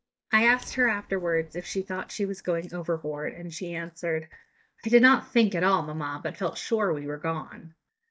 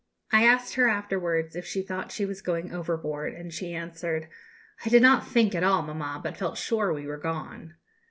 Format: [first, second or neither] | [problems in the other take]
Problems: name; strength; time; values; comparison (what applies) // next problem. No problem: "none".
second | noise reduction (neural mask model DeepFilterNet 3)